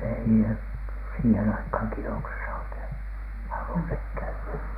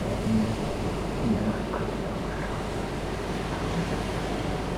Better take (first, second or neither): first